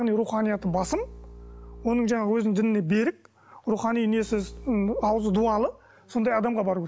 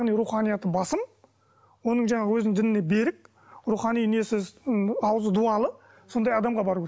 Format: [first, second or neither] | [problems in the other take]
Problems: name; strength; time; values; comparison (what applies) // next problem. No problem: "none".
second | background sound (Bowed string instrument); 18 dB below the speech